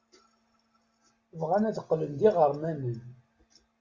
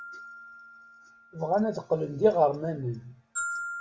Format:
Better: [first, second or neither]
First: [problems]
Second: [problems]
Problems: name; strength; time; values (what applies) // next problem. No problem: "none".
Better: first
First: none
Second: background sound (Glockenspiel); 11 dB below the speech